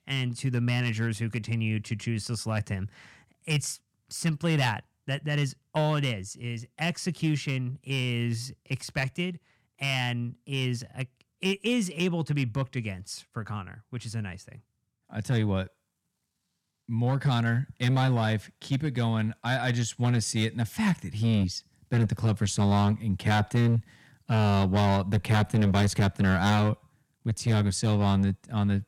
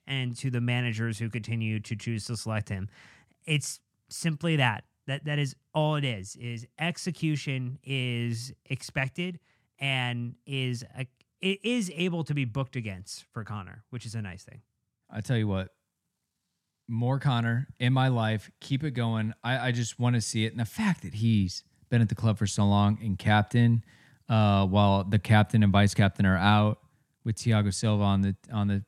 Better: second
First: distortion; slight; 5% of the sound clipped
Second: none

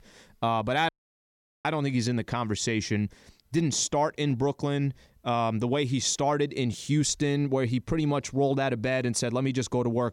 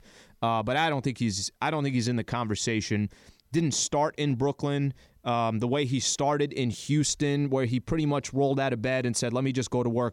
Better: second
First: audio cutting out; at 1 s for 1 s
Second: none

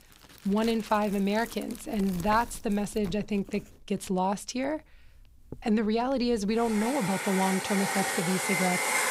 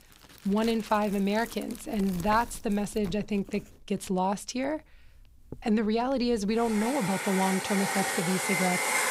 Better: neither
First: household noises; loud; throughout; 3 dB below the speech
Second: household noises; loud; throughout; 3 dB below the speech

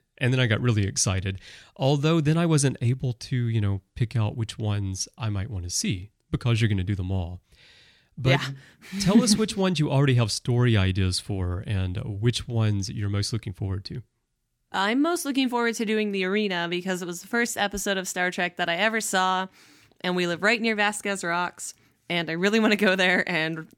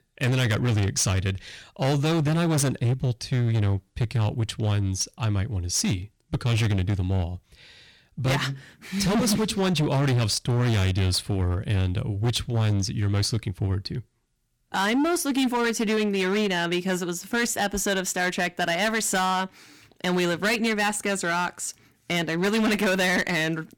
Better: first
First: none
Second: distortion; heavy; 17% of the sound clipped

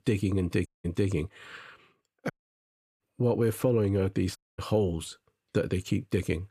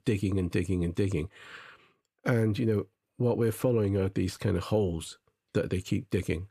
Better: second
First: audio cutting out; at 0.5 s, at 2.5 s for 0.5 s and at 4.5 s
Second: none

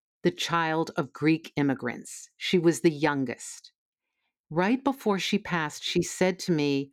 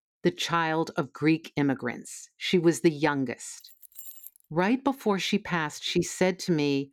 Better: first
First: none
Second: jangling keys; faint; at 3.5 s; peak 15 dB below the speech

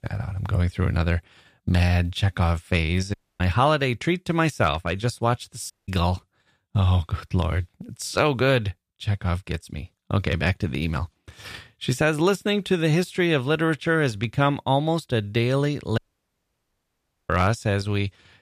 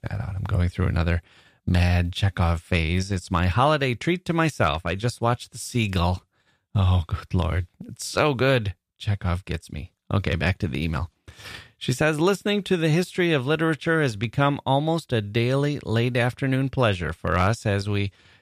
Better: second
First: audio cutting out; at 3 s, at 5.5 s and at 16 s for 1.5 s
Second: none

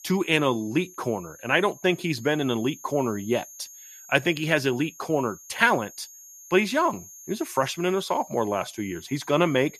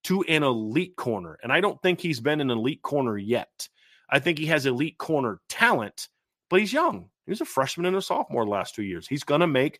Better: second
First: high-pitched whine; noticeable; throughout; 6.5 kHz, 20 dB below the speech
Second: none

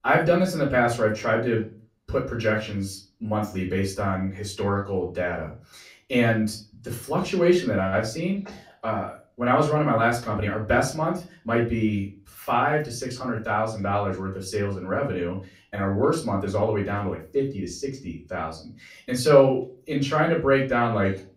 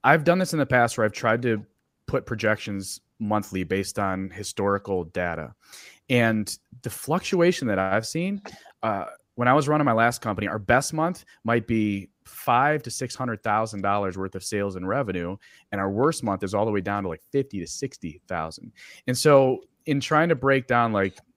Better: second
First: off-mic speech; far // room echo; slight; dies away in 0.3 s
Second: none

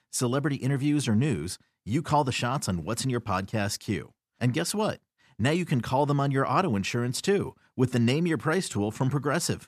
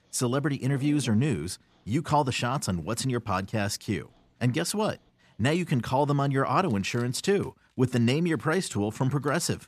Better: first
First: none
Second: animal sounds; faint; throughout; 25 dB below the speech

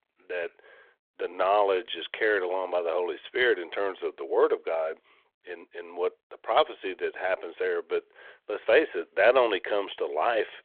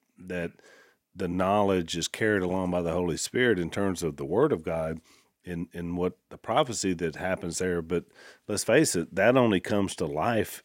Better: second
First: phone-call audio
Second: none

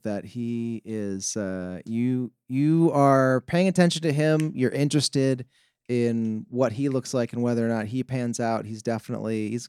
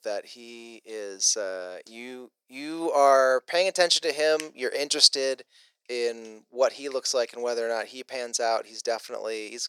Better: first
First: none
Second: thin; very; fading below 500 Hz

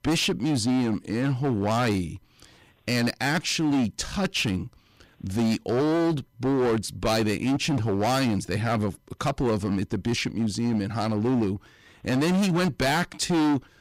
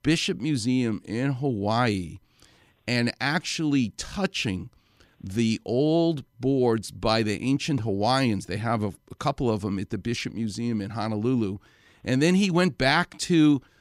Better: second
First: distortion; heavy; 17% of the sound clipped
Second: none

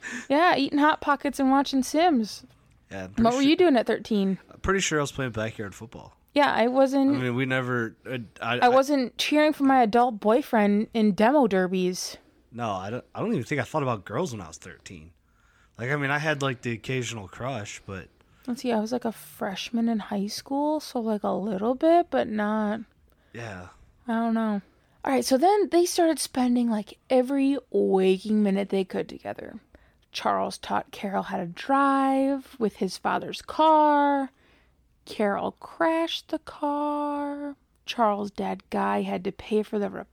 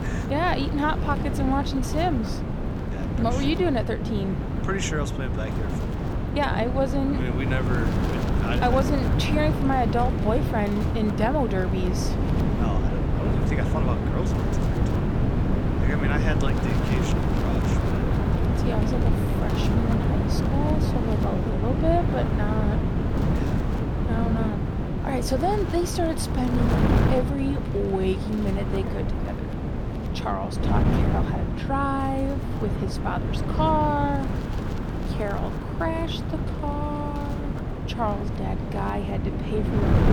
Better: first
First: none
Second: wind noise on the microphone; heavy; 3 dB below the speech

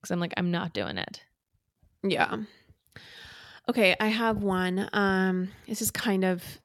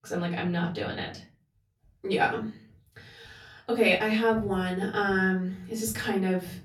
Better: first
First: none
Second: off-mic speech; far // room echo; slight; dies away in 0.4 s

